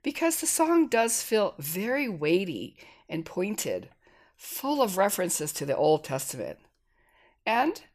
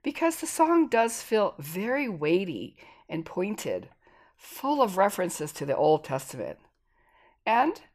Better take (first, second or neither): first